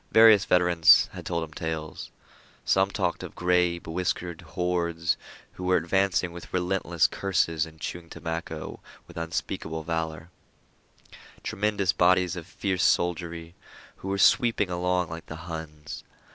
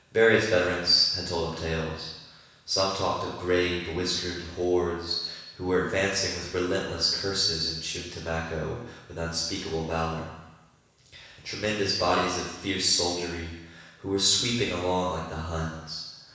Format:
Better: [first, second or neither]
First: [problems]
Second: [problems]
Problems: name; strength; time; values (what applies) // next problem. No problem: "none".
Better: first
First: none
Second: room echo; dies away in 1.1 s